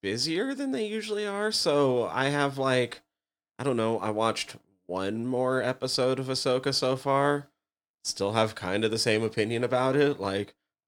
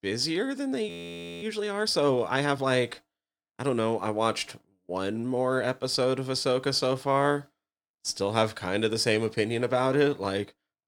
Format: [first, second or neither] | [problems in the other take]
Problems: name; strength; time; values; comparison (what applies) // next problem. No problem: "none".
first | audio freezing; at 1 s for 0.5 s